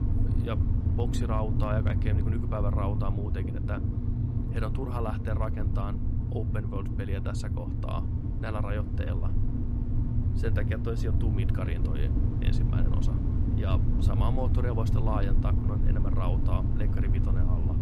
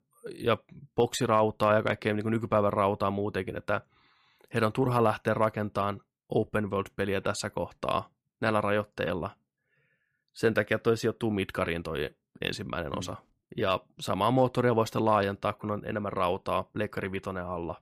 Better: second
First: low rumble; loud; throughout; 2 dB below the speech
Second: none

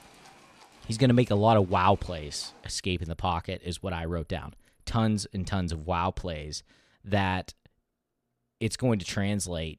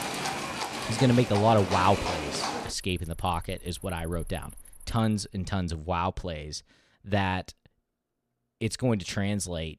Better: first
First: animal sounds; faint; until 5 s; 25 dB below the speech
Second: animal sounds; loud; until 5 s; 4 dB below the speech

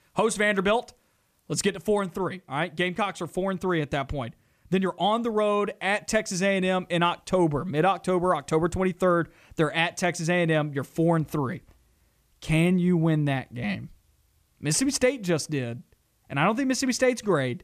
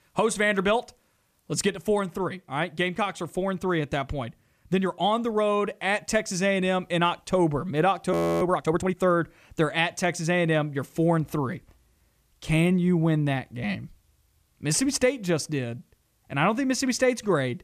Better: first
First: none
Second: audio freezing; at 8 s

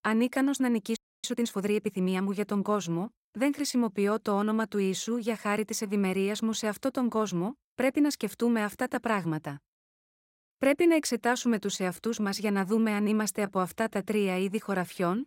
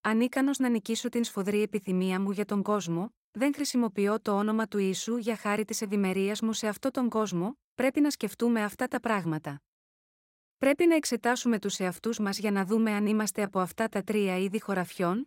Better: second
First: audio freezing; at 1 s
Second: none

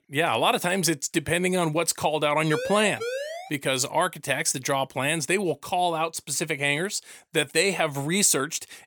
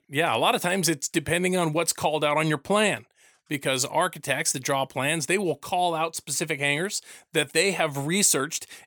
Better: second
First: siren; noticeable; at 2.5 s; peak 7 dB below the speech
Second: none

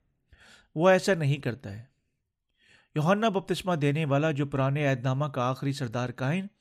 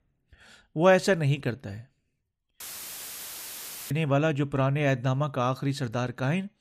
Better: first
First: none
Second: audio cutting out; filled with static; at 2.5 s for 1.5 s

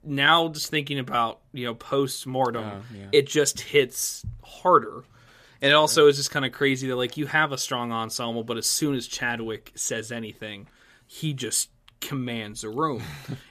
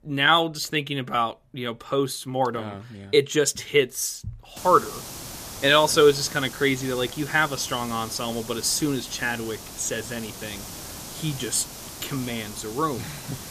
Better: first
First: none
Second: hiss; noticeable; from 4.5 s on; 15 dB below the speech

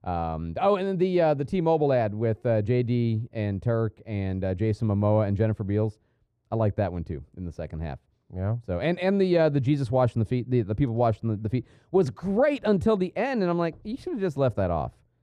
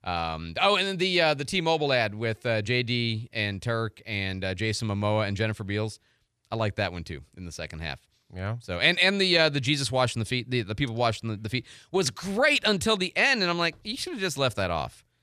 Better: second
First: muffled; very; fading above 1.5 kHz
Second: none

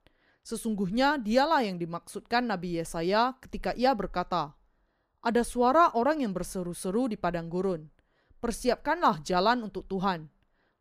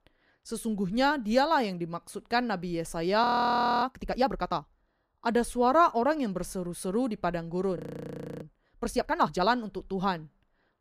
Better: first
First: none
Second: audio freezing; at 3 s for 0.5 s and at 8 s for 0.5 s

